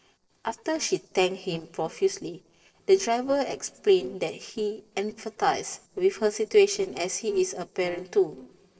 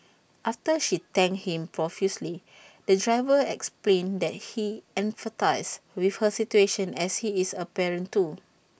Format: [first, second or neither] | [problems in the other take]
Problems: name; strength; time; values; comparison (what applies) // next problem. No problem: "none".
second | noise reduction (neural separator model SepFormer DNS4)